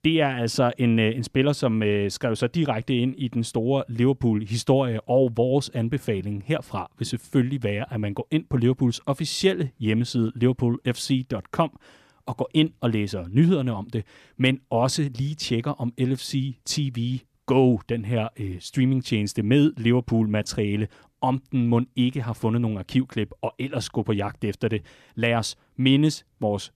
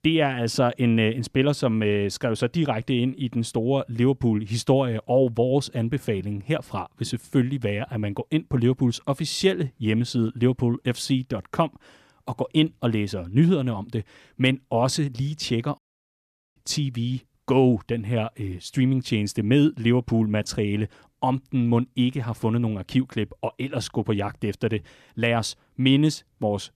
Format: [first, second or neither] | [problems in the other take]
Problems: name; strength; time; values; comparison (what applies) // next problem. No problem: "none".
first | audio cutting out; at 16 s for 1 s